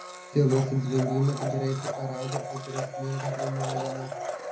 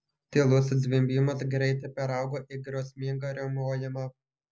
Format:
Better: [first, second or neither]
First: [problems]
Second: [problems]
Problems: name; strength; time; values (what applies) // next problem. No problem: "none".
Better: second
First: background sound (Domestic sounds, home sounds); 6 dB below the speech // room echo; dies away in 0.4 s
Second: none